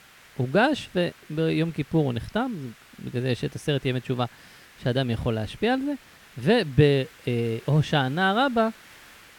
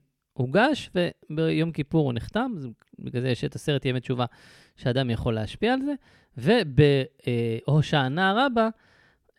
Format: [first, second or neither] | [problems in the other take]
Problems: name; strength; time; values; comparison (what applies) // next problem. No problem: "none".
second | hiss; faint; throughout; 25 dB below the speech